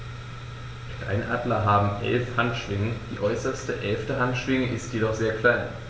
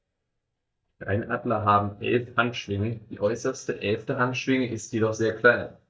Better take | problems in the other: first | noise reduction (neural mask model DeepFilterNet 3)

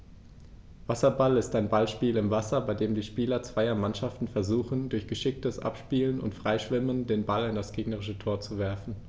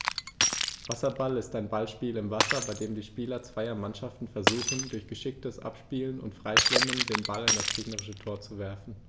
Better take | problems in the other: first | background sound (Shatter); 2 dB above the speech

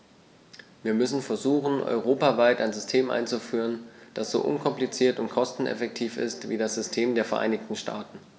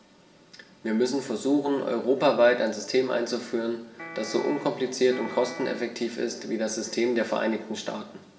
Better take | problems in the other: first | background sound (Piano); 15 dB below the speech // room echo; dies away in 0.7 s

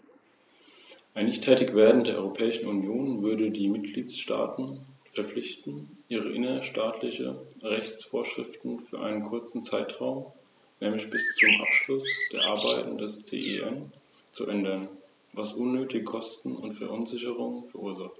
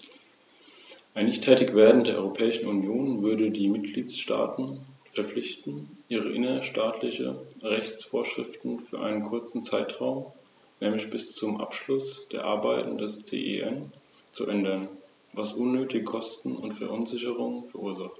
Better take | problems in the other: second | noise reduction (neural mask model Resemble Enhance denoiser)

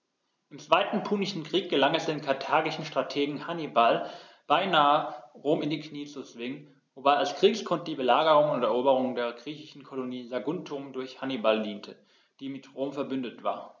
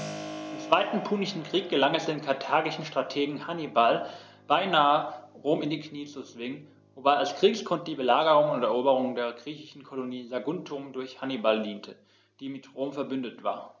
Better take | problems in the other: first | background sound (Keyboard (musical)); 20 dB below the speech

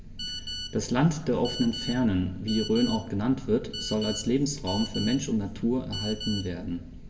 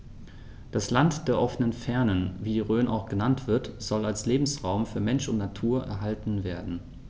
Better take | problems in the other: second | background sound (Telephone); 11 dB below the speech // room echo; dies away in 1.9 s

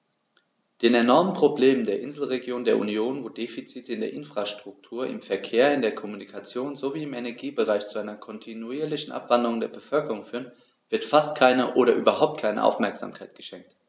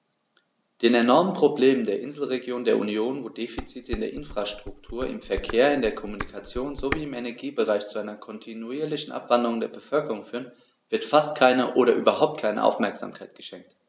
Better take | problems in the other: first | background sound (Dishes, pots, and pans); 12 dB below the speech

